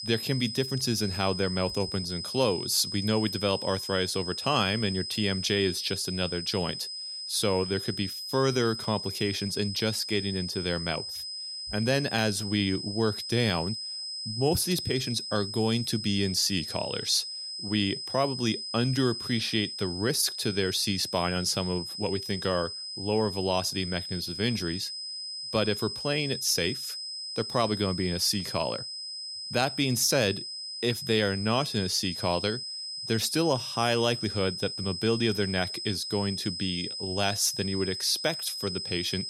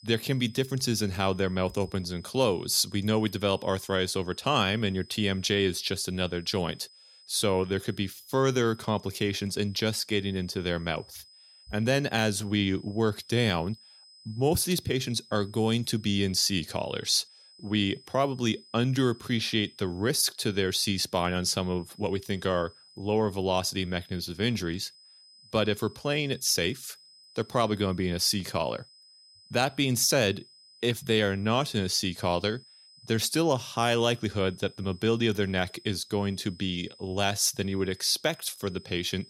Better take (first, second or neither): second